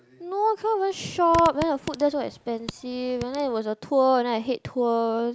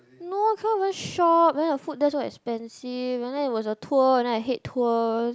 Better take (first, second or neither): second